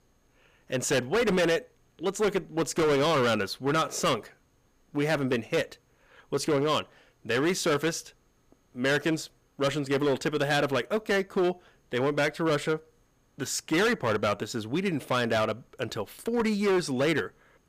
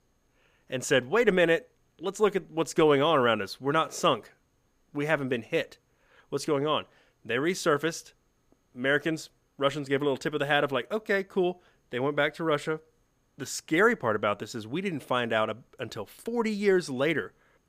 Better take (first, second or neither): second